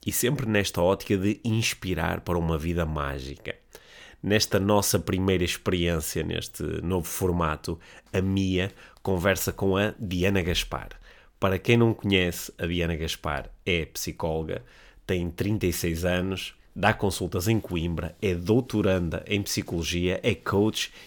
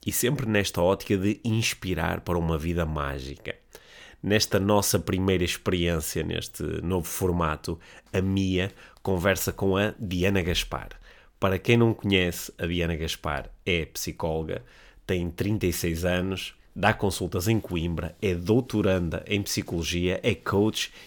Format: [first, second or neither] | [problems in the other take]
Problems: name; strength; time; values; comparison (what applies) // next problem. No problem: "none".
neither | none